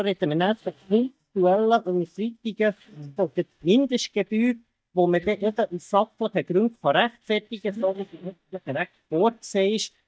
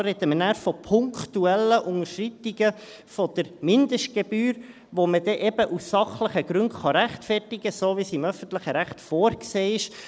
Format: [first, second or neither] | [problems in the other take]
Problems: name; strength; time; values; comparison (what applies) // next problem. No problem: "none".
second | noise reduction (neural mask model DeepFilterNet 3)